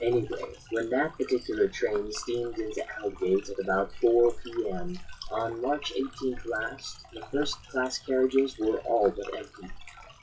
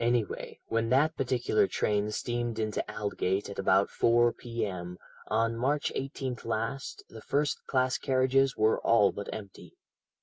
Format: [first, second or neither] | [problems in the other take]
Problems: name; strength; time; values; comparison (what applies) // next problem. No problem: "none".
second | noise reduction (classical method WPE with log-MMSE)